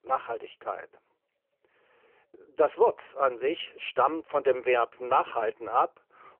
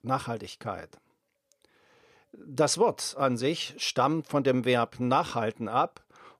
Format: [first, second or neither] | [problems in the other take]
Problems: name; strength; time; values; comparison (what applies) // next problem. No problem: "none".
second | phone-call audio; poor line; nothing above 3 kHz